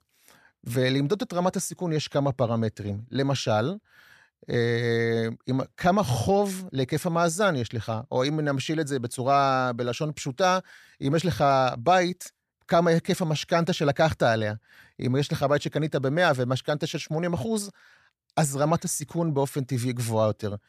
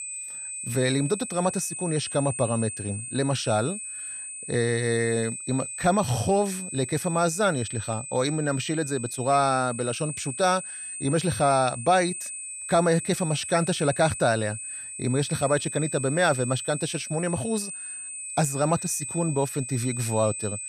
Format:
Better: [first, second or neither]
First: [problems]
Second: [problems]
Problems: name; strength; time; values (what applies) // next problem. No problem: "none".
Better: first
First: none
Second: high-pitched whine; loud; throughout; 8.5 kHz, 7 dB below the speech